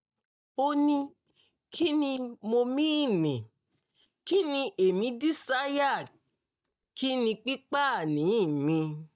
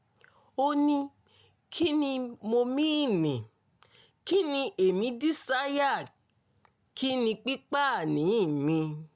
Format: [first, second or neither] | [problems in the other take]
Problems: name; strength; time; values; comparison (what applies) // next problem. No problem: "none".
second | noise reduction (neural mask model DeepFilterNet 3)